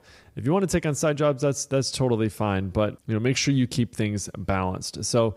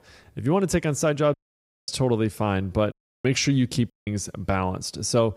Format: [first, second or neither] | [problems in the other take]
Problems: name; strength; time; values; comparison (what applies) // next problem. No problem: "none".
first | audio cutting out; at 1.5 s for 0.5 s, at 3 s and at 4 s